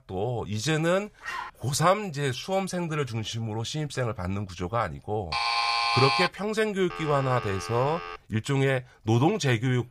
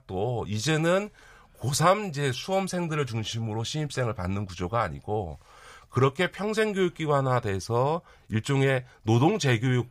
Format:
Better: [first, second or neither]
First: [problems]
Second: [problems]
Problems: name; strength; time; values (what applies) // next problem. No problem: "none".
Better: second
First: dog barking; noticeable; at 1 s; peak 8 dB below the speech // alarm; loud; at 5.5 s; peak 4 dB above the speech // phone ringing; noticeable; from 7 to 8 s; peak 9 dB below the speech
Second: none